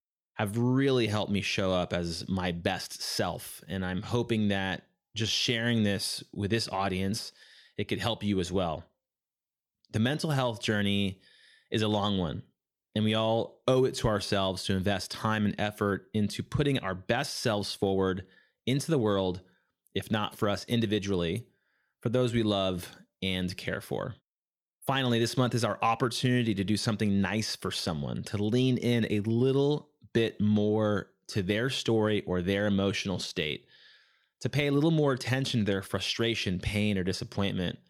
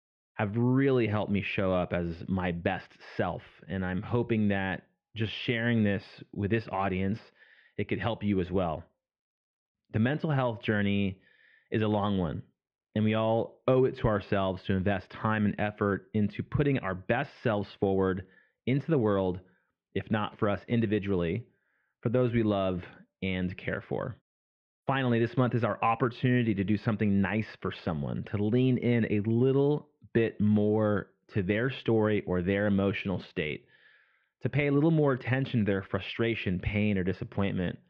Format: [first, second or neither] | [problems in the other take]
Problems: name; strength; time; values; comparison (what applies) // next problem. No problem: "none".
first | muffled; very; fading above 2.5 kHz